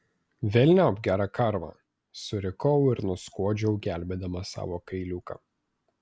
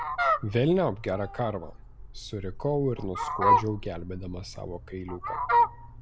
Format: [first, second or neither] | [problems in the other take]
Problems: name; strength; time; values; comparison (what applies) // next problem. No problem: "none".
first | background sound (Fowl); 1 dB above the speech